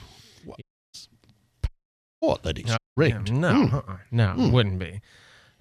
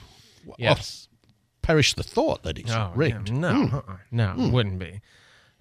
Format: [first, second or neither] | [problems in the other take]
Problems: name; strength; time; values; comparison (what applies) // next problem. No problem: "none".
second | audio cutting out; at 0.5 s, at 1.5 s for 0.5 s and at 3 s